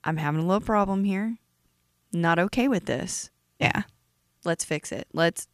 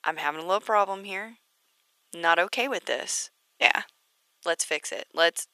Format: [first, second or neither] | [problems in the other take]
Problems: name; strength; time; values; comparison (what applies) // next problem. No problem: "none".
first | thin; very; fading below 500 Hz